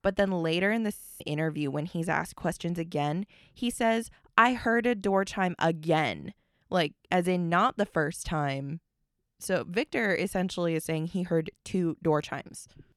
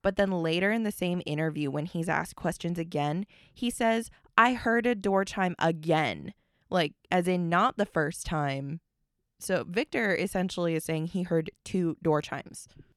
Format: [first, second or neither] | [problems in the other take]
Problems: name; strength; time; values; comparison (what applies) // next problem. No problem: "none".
second | audio freezing; at 1 s